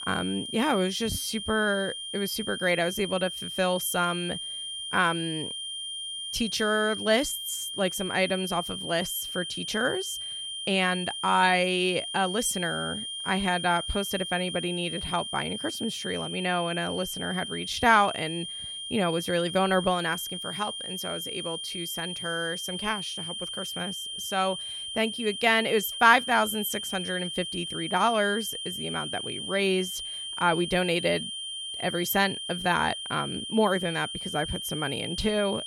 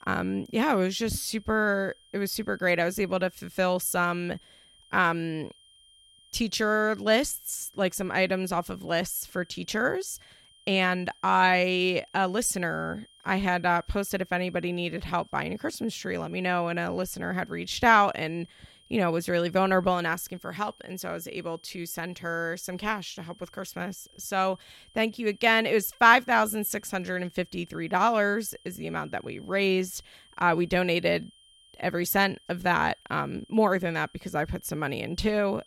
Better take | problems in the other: second | high-pitched whine; loud; throughout; 3 kHz, 5 dB below the speech; faint in the second

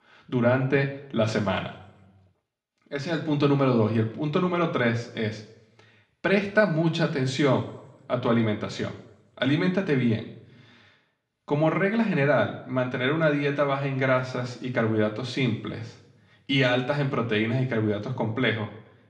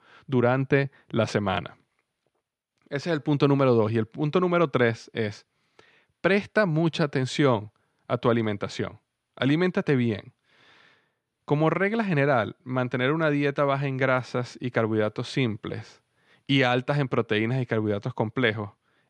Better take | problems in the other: second | room echo; slight; dies away in 0.6 s // off-mic speech; somewhat distant

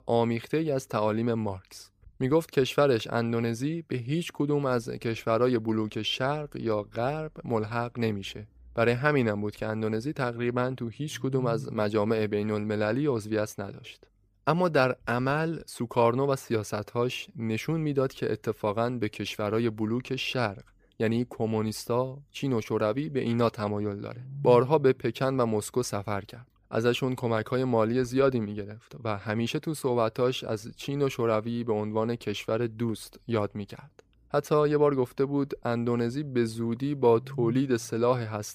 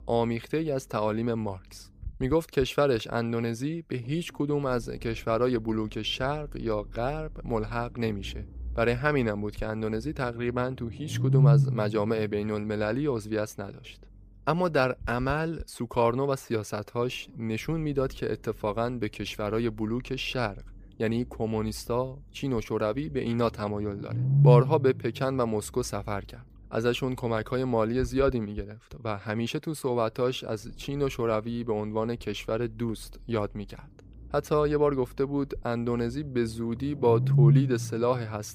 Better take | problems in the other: first | low rumble; loud; throughout; 7 dB below the speech; faint in the first

